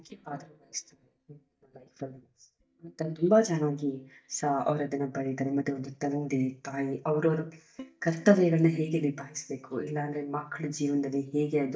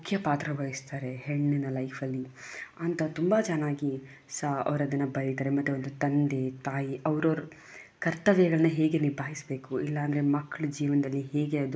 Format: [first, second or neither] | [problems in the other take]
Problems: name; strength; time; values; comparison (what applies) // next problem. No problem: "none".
second | noise reduction (neural mask model DeepFilterNet 3)